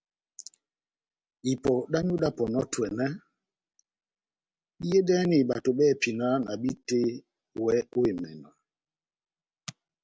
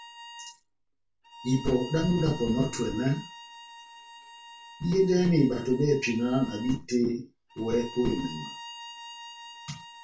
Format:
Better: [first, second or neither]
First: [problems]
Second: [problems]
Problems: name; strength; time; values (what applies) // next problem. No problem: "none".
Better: first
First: none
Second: background sound (Bowed string instrument); 16 dB below the speech // room echo; dies away in 0.2 s